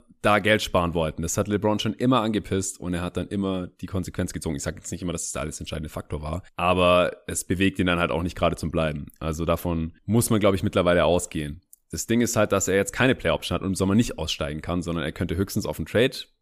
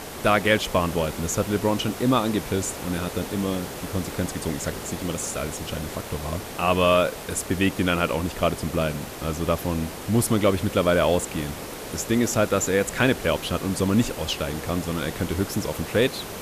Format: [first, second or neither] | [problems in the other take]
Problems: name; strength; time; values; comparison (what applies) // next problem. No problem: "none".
first | hiss; loud; throughout; 10 dB below the speech